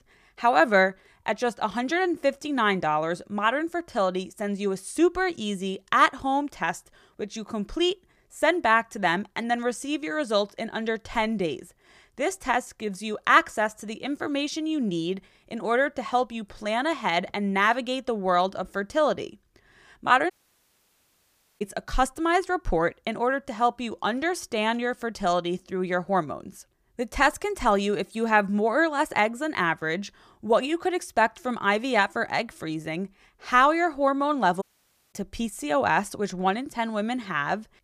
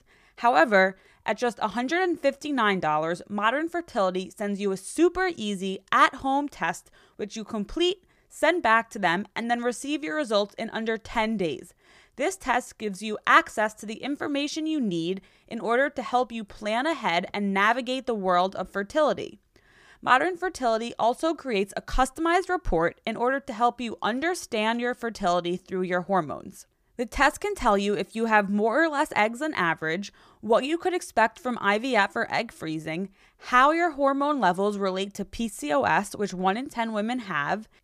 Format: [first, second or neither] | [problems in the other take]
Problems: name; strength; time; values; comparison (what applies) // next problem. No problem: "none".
second | audio cutting out; at 20 s for 1.5 s and at 35 s for 0.5 s